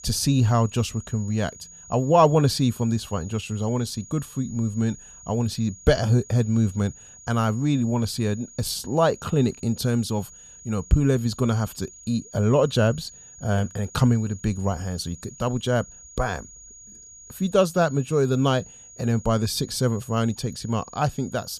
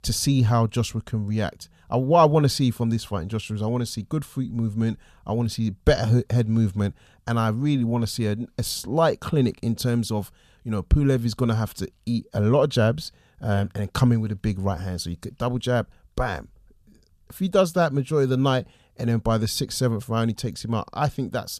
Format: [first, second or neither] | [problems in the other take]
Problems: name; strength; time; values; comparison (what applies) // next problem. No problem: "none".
second | high-pitched whine; noticeable; throughout; 6.5 kHz, 20 dB below the speech